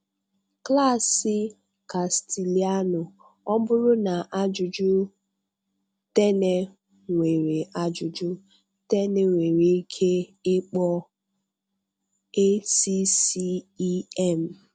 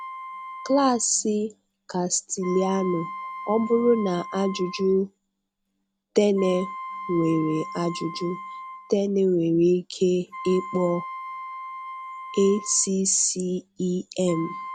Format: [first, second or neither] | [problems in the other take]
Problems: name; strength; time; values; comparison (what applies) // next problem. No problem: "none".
first | background sound (Wind instrument, woodwind instrument); 13 dB below the speech